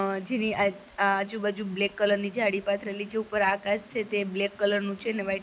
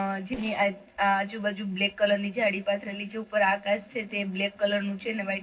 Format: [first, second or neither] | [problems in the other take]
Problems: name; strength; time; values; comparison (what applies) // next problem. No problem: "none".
first | noise reduction (neural separator model SepFormer DNS4)